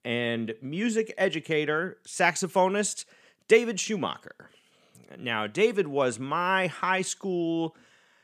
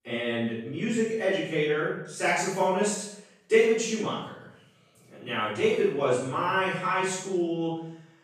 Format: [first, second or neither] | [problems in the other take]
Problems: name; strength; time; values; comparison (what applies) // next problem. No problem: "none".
first | off-mic speech; far // room echo; strong; dies away in 0.7 s